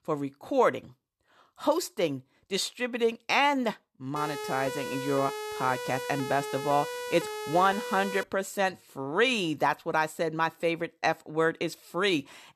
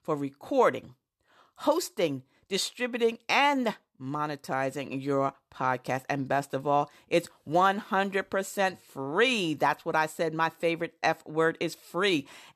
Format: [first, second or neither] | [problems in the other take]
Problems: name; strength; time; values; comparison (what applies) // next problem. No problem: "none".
second | siren; noticeable; from 4 to 8 s; peak 7 dB below the speech